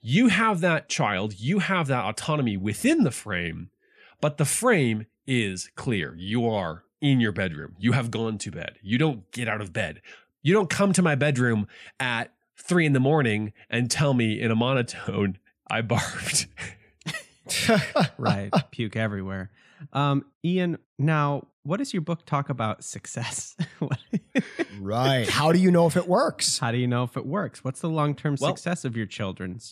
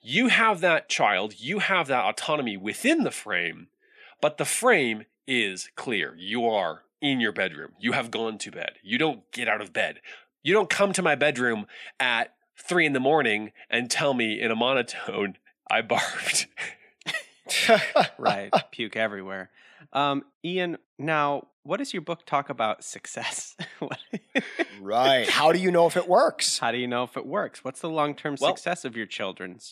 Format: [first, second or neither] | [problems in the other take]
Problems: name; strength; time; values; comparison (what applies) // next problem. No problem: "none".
first | thin; somewhat; fading below 300 Hz